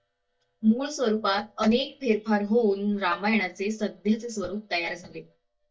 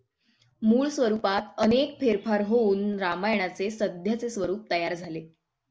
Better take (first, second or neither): second